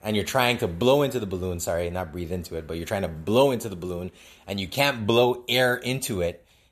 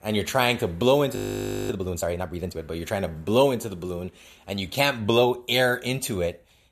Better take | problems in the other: first | audio freezing; at 1 s for 0.5 s

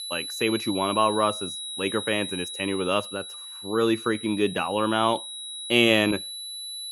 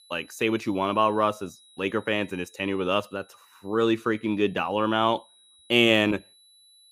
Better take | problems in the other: second | high-pitched whine; loud; throughout; 4 kHz, 9 dB below the speech; faint in the second

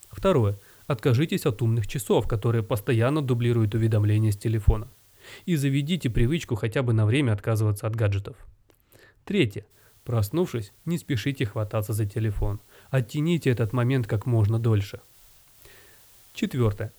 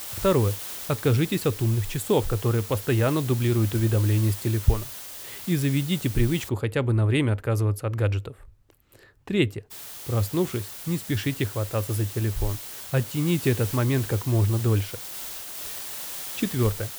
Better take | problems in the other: first | hiss; loud; until 6.5 s and from 9.5 s on; 10 dB below the speech; faint in the first

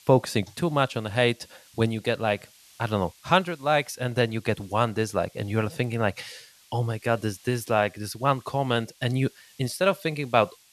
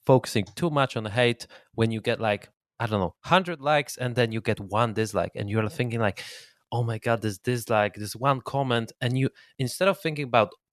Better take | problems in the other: second | hiss; faint; throughout; 25 dB below the speech

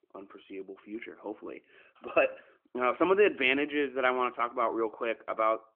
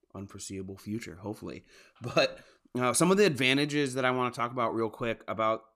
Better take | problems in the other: second | phone-call audio

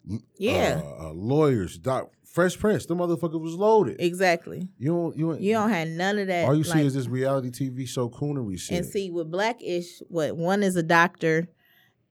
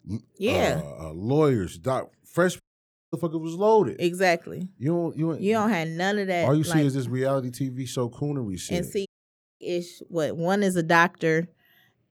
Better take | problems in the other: first | audio cutting out; at 2.5 s for 0.5 s and at 9 s for 0.5 s

